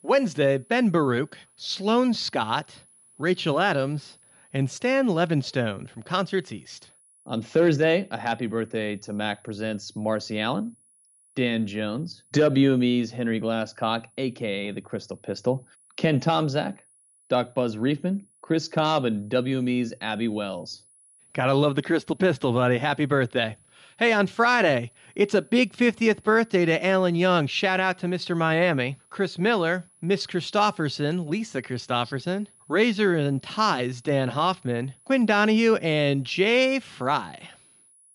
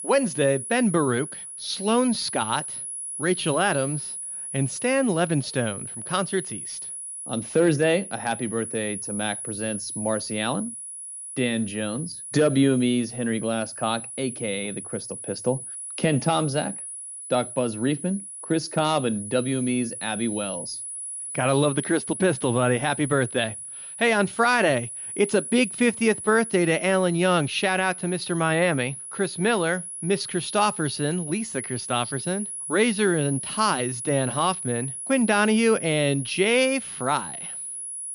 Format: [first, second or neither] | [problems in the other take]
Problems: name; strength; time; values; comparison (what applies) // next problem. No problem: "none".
first | high-pitched whine; loud; throughout; 10.5 kHz, 8 dB below the speech; faint in the first